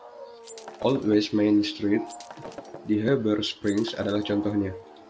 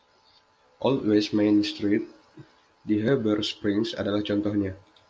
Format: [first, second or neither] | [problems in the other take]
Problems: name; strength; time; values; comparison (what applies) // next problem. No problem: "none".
second | background sound (Shatter + Wild animals); 17 dB below the speech